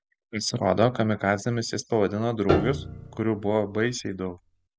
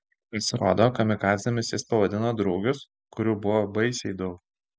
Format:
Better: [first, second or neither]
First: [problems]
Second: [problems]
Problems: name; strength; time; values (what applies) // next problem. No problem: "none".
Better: second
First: background sound (Piano); 5 dB below the speech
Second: none